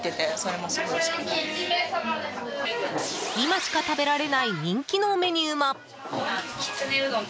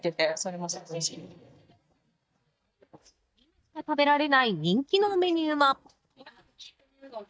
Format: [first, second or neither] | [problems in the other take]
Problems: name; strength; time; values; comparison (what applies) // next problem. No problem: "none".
first | noise reduction (neural mask model DeepFilterNet 3)